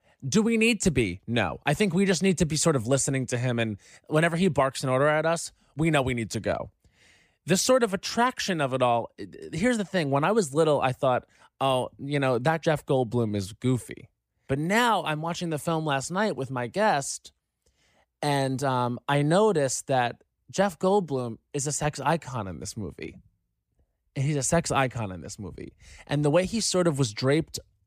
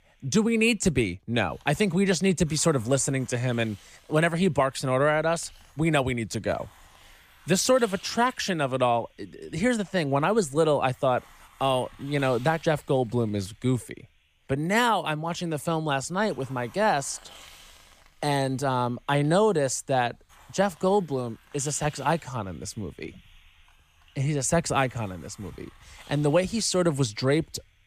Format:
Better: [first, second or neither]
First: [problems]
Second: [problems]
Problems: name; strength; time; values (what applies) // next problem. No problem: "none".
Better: first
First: none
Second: hiss; faint; throughout; 25 dB below the speech